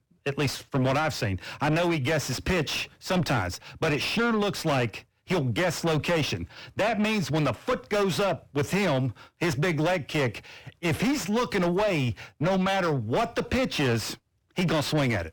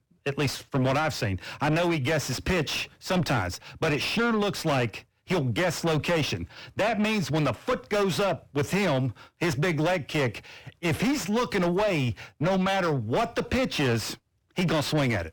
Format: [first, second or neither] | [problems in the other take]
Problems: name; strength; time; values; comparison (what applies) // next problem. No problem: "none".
neither | distortion; heavy; 6 dB below the speech; the same in both